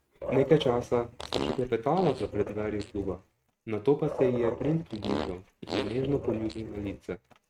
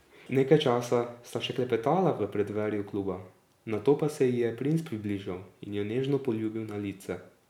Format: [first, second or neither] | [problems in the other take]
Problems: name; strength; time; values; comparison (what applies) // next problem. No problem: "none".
second | noise reduction (neural mask model RNNoise)